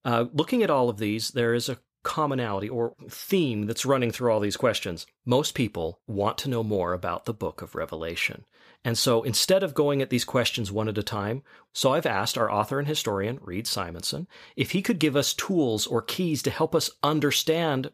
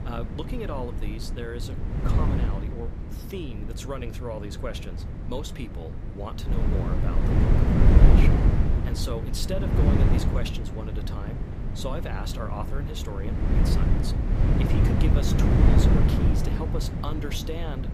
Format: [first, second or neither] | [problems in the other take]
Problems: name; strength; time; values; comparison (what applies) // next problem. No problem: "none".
first | wind noise on the microphone; heavy; 3 dB above the speech